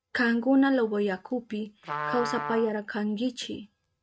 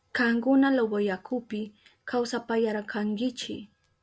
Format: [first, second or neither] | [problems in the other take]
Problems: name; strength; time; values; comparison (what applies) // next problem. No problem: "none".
second | noise reduction (neural mask model RNNoise)